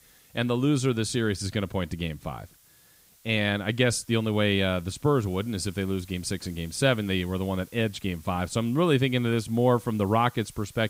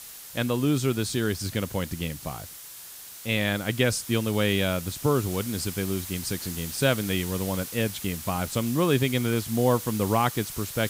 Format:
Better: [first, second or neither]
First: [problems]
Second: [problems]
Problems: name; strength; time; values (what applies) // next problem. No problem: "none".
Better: first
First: hiss; faint; throughout; 25 dB below the speech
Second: hiss; loud; throughout; 10 dB below the speech